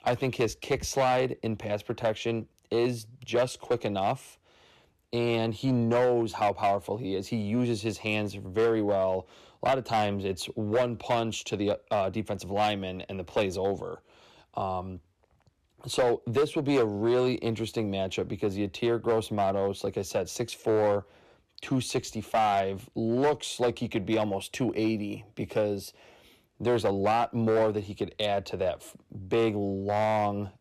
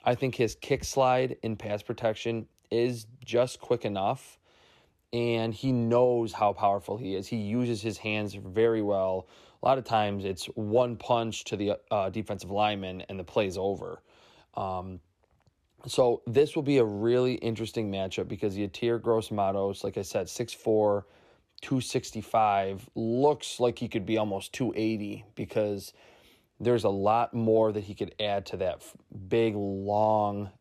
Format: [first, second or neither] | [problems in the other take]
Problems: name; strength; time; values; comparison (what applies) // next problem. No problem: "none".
second | distortion; slight; 5% of the sound clipped